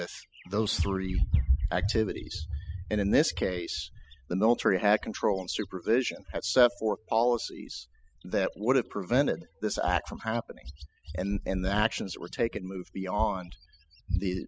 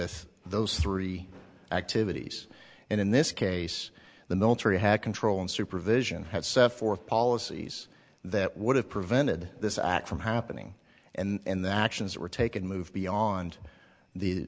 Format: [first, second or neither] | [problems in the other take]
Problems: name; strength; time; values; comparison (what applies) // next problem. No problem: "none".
second | noise reduction (classical method spectral subtraction)